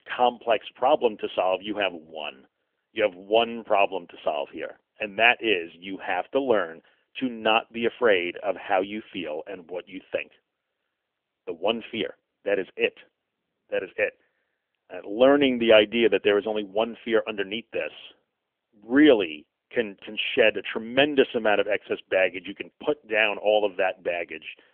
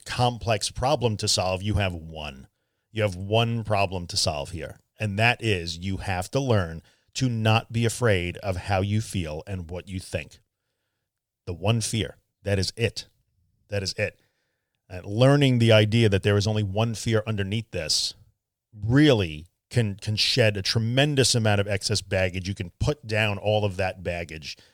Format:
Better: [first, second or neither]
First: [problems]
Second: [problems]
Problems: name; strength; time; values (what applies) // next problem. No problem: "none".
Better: second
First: phone-call audio; nothing above 3 kHz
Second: none